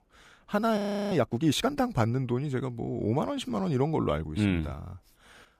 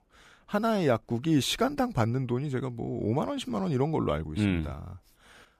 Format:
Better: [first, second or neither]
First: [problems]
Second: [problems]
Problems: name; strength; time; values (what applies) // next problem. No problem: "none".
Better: second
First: audio freezing; at 1 s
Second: none